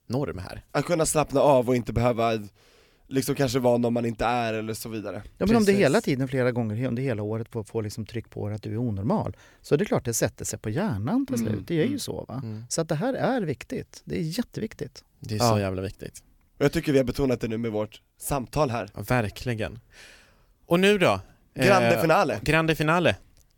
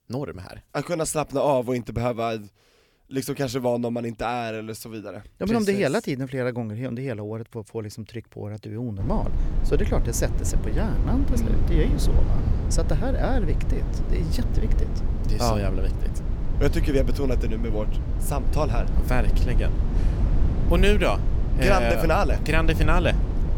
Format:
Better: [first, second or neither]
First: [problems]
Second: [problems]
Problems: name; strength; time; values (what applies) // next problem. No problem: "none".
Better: first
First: none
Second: low rumble; noticeable; from 9 s on; 10 dB below the speech